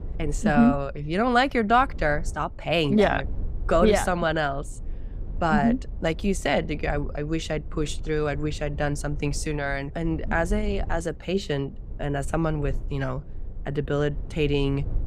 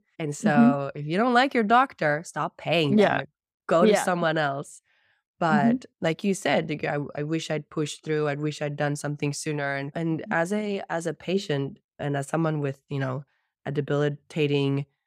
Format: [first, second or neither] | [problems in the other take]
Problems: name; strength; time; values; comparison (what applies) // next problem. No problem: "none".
second | low rumble; faint; throughout; 25 dB below the speech